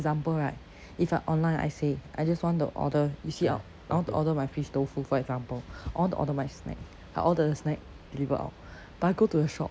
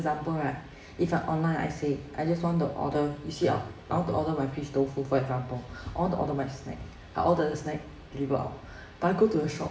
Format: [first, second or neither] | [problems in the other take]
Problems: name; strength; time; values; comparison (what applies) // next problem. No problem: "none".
first | room echo; dies away in 0.7 s